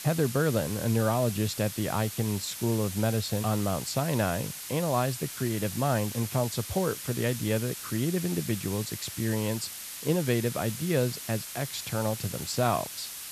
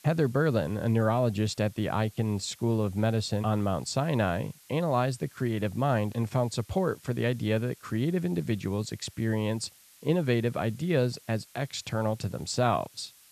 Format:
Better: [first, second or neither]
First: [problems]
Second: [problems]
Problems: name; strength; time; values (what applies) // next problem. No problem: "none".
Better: second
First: hiss; loud; throughout; 7 dB below the speech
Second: hiss; faint; throughout; 25 dB below the speech